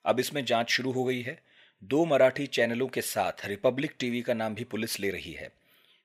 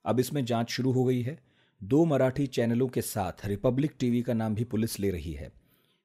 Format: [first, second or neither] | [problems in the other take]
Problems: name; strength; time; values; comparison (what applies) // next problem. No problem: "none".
second | thin; somewhat; fading below 800 Hz